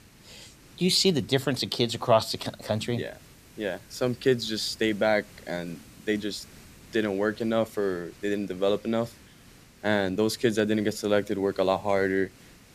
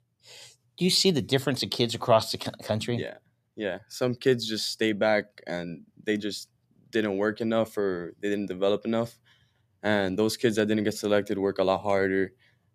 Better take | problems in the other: second | hiss; faint; throughout; 25 dB below the speech

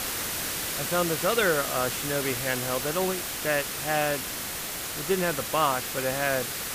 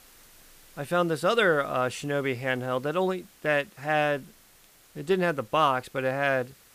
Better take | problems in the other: second | hiss; loud; throughout; 2 dB below the speech; faint in the second

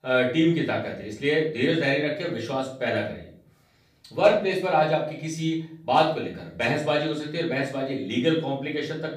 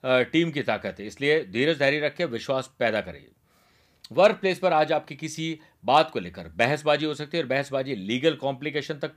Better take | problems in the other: second | off-mic speech; far // room echo; slight; dies away in 0.5 s

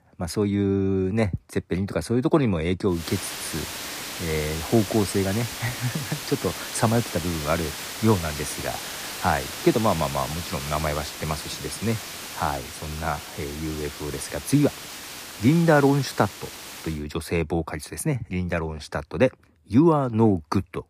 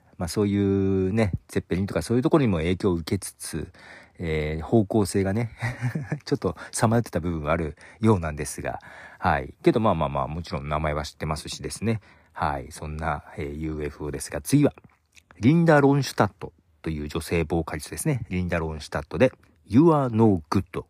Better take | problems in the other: second | hiss; loud; from 3 to 17 s; 8 dB below the speech

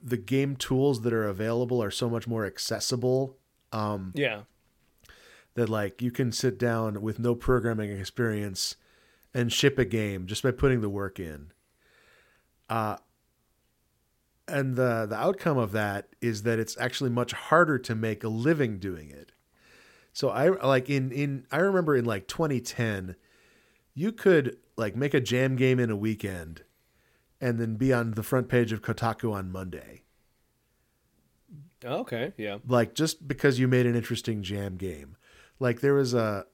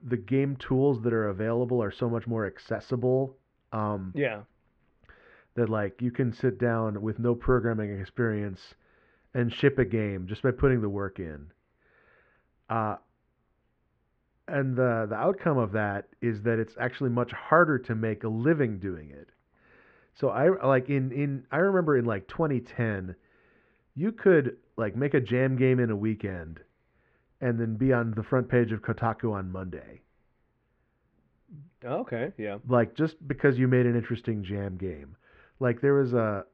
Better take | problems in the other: first | muffled; very; fading above 2 kHz

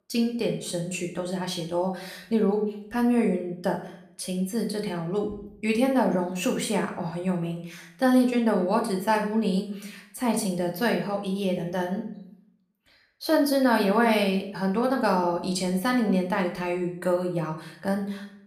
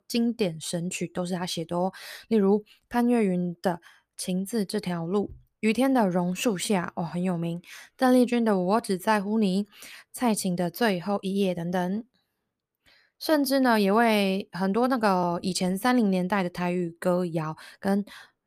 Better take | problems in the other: second | room echo; slight; dies away in 0.5 s // off-mic speech; somewhat distant

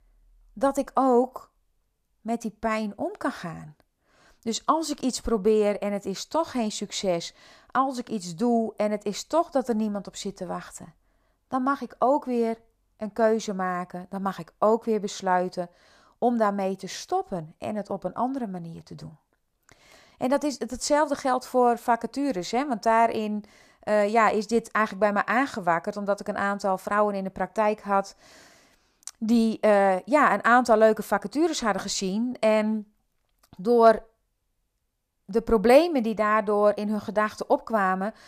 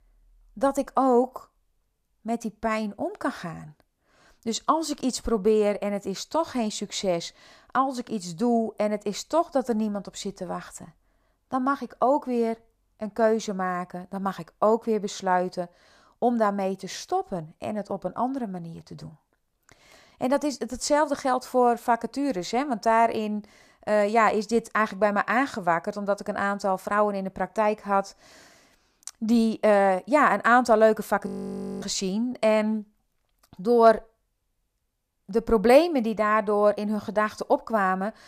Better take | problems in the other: first | audio freezing; at 31 s for 0.5 s

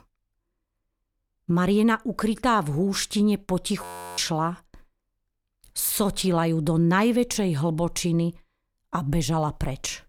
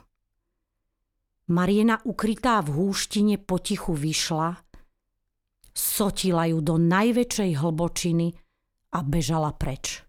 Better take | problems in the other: second | audio freezing; at 4 s

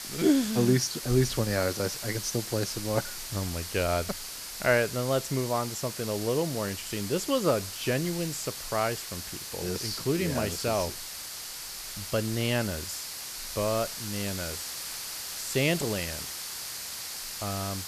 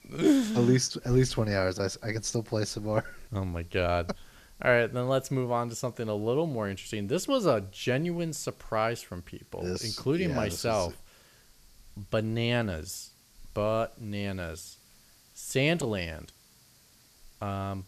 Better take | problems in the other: second | hiss; loud; throughout; 6 dB below the speech; faint in the second

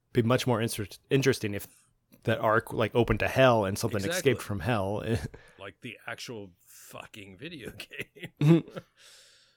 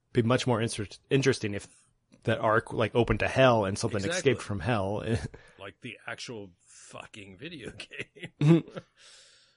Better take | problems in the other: first | garbled, watery; slightly; nothing above 10.5 kHz

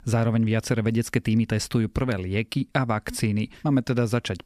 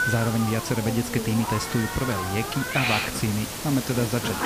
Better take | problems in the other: first | hiss; loud; throughout; 2 dB below the speech

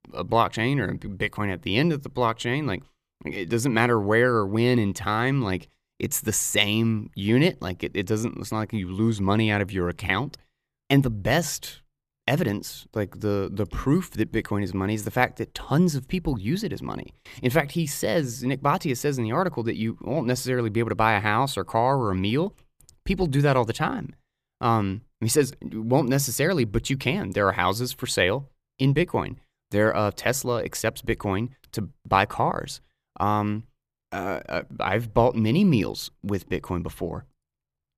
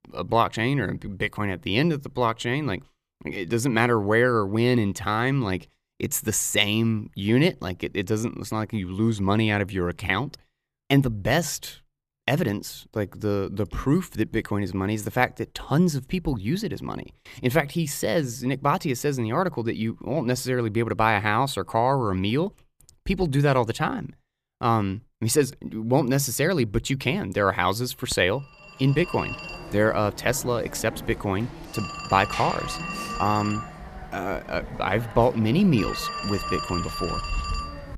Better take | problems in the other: first | phone ringing; noticeable; from 28 s on; peak 5 dB below the speech

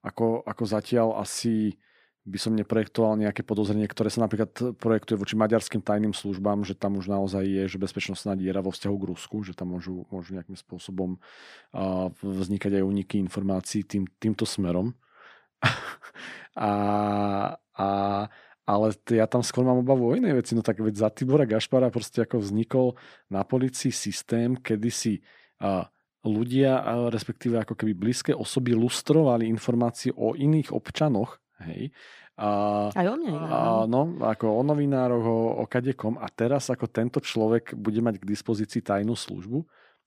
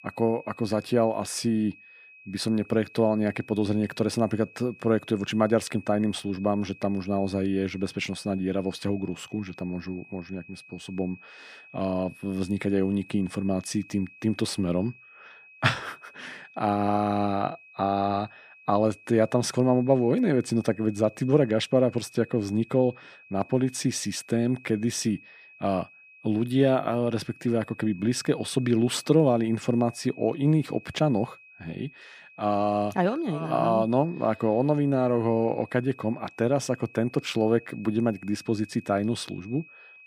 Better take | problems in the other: first | high-pitched whine; faint; throughout; 2.5 kHz, 25 dB below the speech

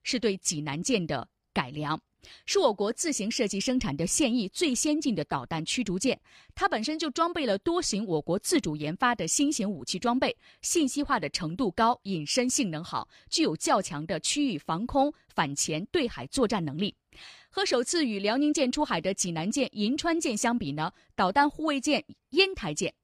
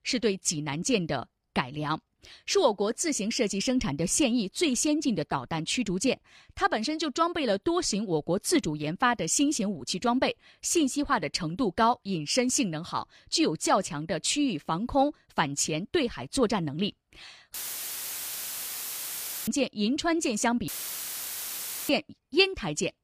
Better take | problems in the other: first | audio cutting out; filled with static; at 18 s for 2 s and at 21 s for 1 s

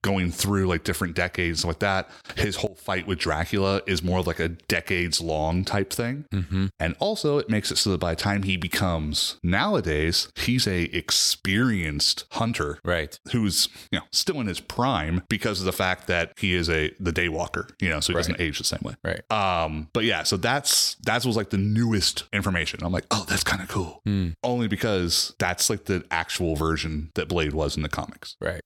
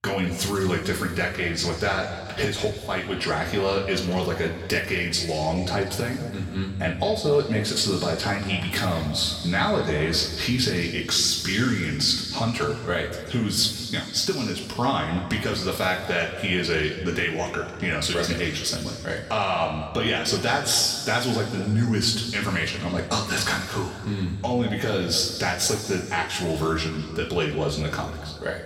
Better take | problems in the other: first | room echo; noticeable; dies away in 1.8 s // off-mic speech; far

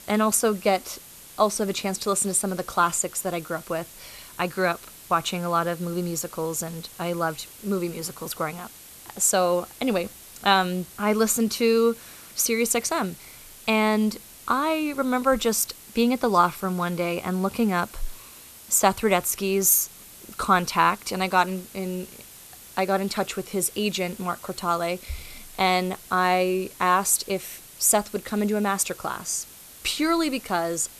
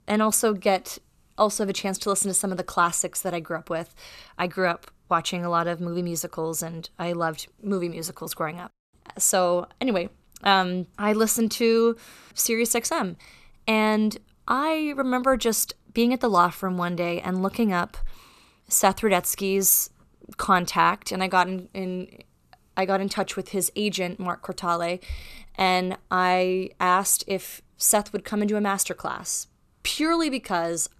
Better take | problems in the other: second | hiss; noticeable; throughout; 20 dB below the speech

